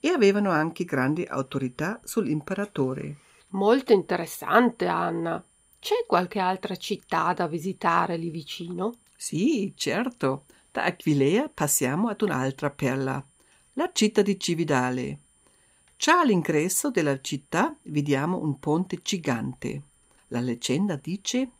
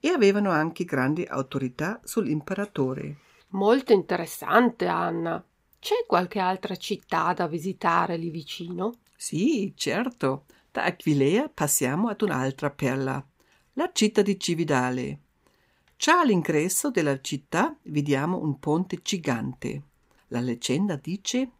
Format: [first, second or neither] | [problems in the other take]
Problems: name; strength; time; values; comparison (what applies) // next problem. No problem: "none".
second | high-pitched whine; faint; throughout; 9.5 kHz, 35 dB below the speech